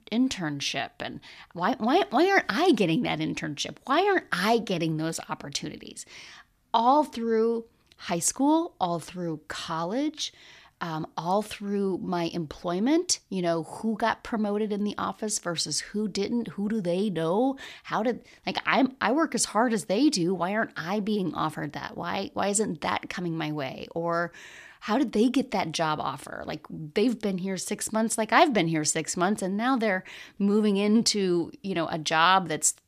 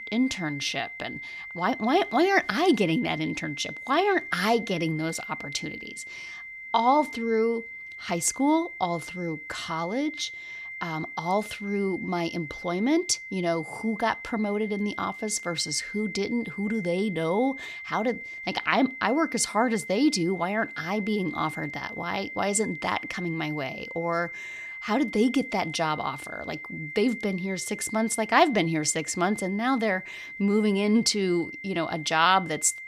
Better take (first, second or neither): first